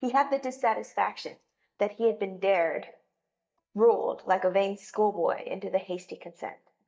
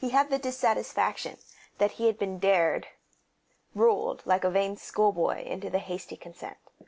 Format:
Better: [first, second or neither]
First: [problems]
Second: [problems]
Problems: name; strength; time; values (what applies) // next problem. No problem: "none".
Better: second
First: noise reduction (neural mask model DeepFilterNet 3)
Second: none